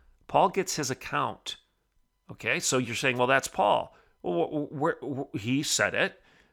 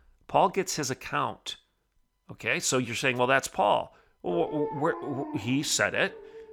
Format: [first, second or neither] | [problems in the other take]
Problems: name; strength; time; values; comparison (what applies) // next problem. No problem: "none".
first | animal sounds; noticeable; from 4.5 s on; 10 dB below the speech